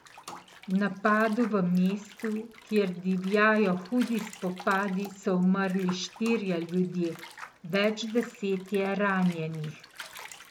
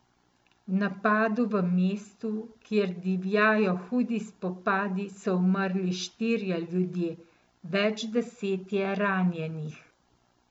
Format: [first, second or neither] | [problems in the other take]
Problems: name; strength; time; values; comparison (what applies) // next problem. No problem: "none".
second | background sound (Bathtub (filling or washing) / Water); 19 dB below the speech